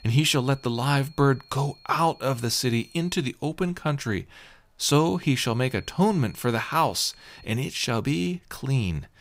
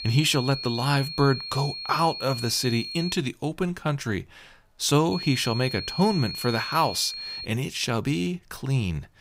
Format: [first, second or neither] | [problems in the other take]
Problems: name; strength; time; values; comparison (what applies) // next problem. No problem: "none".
first | high-pitched whine; loud; until 3 s and from 5 to 7.5 s; 4.5 kHz, 7 dB below the speech; faint in the first